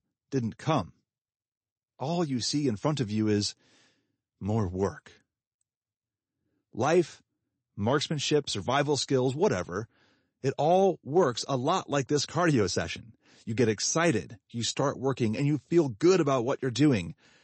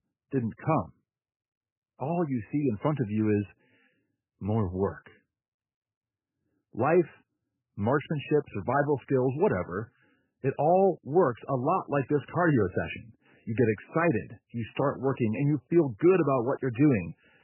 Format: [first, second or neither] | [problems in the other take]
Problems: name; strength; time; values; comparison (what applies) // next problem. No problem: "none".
first | garbled, watery; badly; nothing above 3 kHz; slightly in the first